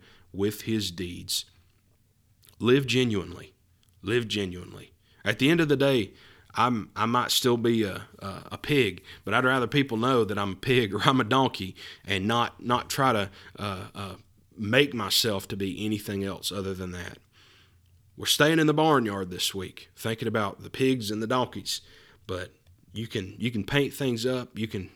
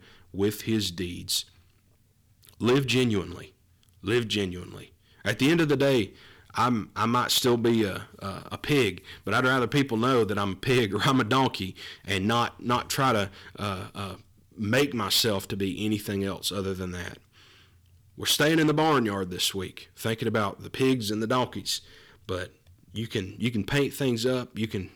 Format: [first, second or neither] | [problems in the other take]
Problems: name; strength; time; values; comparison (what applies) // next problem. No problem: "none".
first | distortion; slight; 4% of the sound clipped